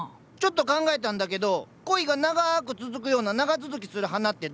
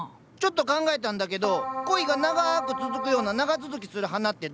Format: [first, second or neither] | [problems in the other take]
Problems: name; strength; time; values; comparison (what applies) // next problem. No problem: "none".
first | background sound (Keyboard (musical)); 5 dB below the speech